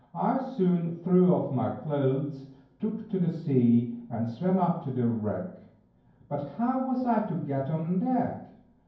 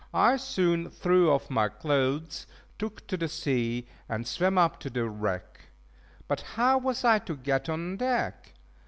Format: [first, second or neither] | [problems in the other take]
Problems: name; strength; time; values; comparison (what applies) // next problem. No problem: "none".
second | room echo; dies away in 0.9 s